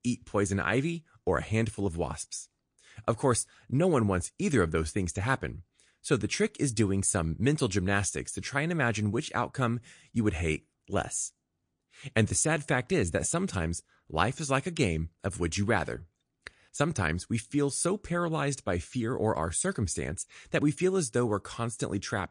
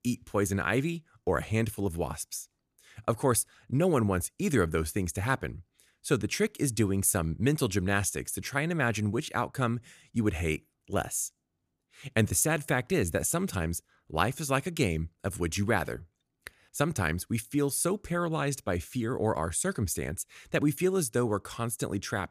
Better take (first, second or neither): second